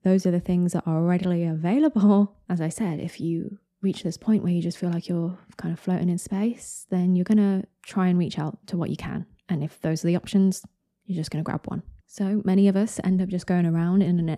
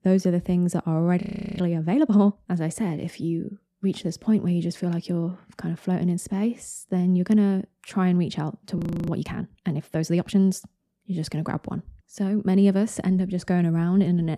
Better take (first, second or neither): first